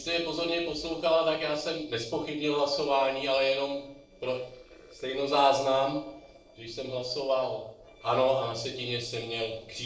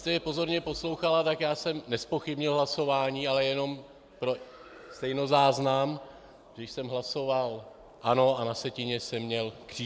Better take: second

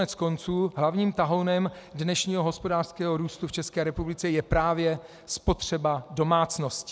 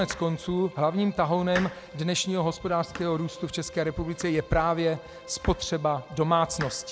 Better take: first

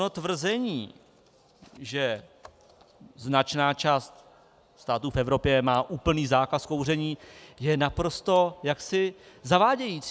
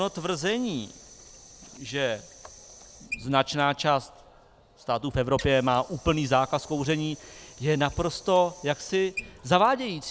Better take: first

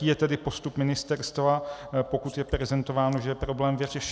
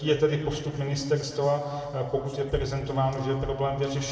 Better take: first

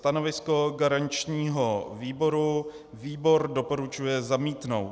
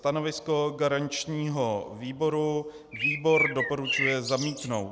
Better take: first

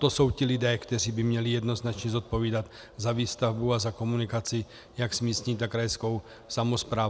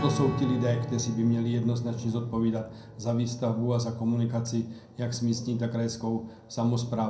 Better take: first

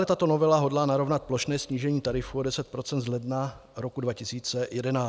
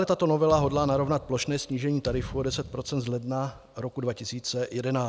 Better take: first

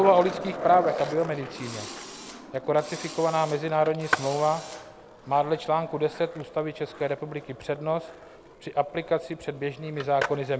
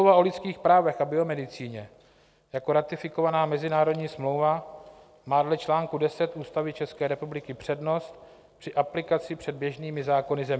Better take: second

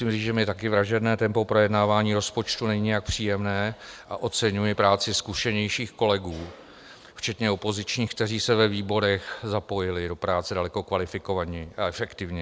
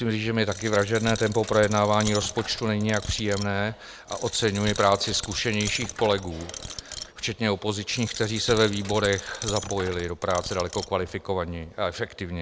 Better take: first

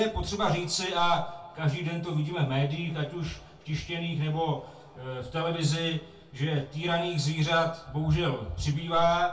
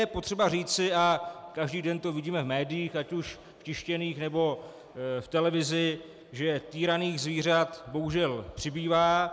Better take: second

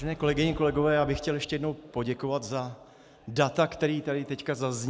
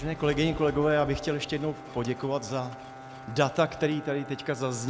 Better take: first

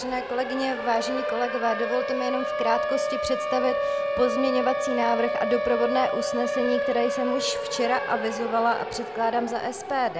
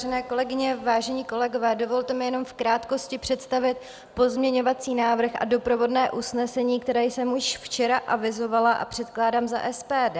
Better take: second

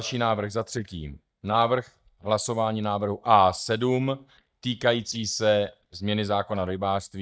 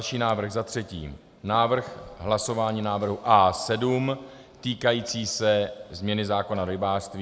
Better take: second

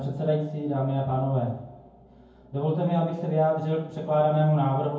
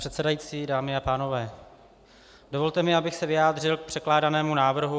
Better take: second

